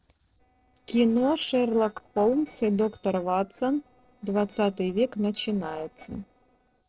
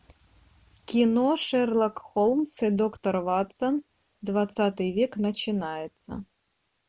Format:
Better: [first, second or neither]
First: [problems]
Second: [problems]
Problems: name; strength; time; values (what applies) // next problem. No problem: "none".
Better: second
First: noise reduction (neural separator model SepFormer DNS4)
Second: none